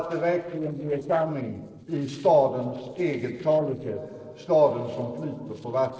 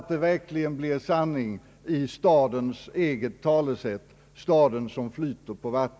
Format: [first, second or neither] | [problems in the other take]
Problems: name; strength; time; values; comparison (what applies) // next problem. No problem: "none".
second | noise reduction (neural separator model SepFormer DNS4)